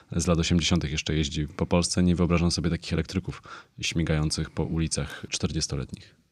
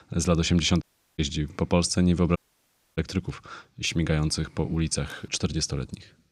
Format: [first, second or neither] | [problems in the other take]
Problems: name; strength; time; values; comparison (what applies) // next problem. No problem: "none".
first | audio cutting out; at 1 s and at 2.5 s for 0.5 s